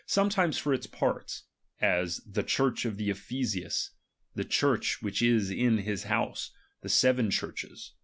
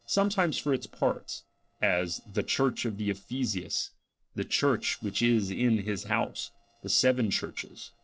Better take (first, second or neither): first